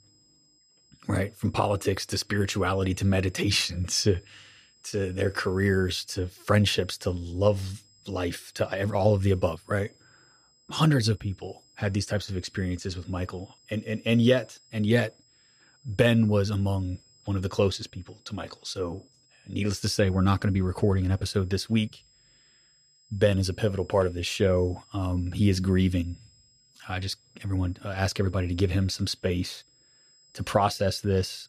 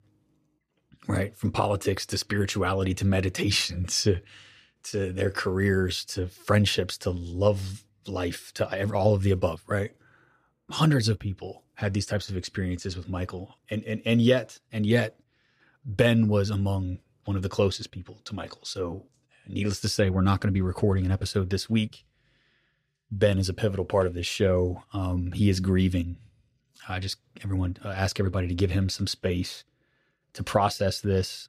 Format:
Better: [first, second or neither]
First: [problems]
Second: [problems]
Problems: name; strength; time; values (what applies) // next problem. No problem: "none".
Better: second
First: high-pitched whine; faint; throughout; 5 kHz, 30 dB below the speech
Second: none